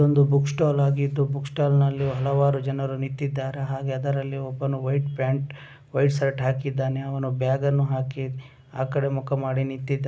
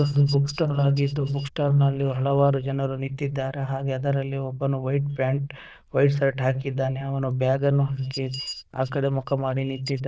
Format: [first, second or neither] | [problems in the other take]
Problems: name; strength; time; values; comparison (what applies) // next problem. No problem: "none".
first | noise reduction (neural diffusion model UNIVERSE++)